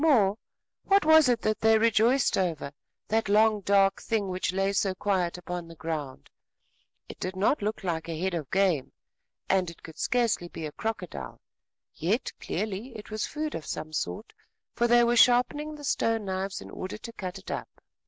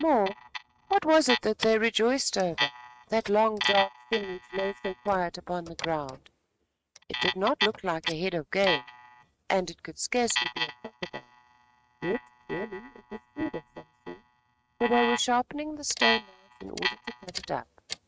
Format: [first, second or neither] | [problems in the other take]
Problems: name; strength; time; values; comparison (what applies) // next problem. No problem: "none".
first | noise reduction (neural mask model RNNoise)